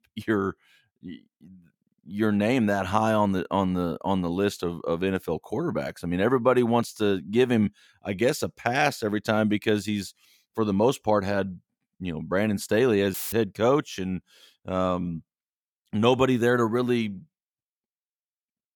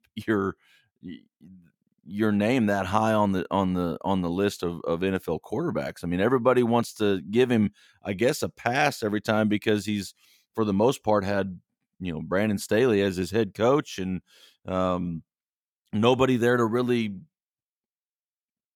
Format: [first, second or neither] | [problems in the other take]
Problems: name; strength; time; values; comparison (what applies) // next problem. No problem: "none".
second | audio cutting out; filled with static; at 13 s